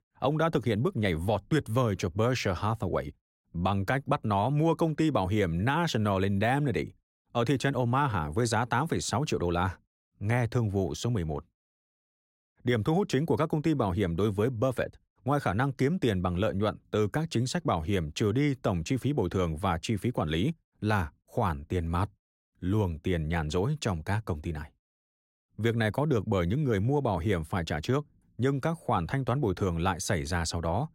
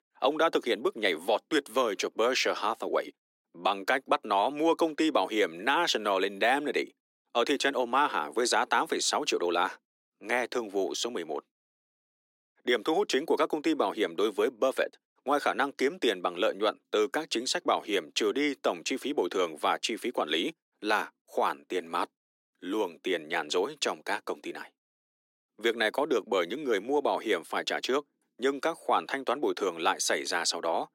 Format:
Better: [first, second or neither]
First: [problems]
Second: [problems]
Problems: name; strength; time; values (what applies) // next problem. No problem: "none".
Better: first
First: none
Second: thin; somewhat; fading below 300 Hz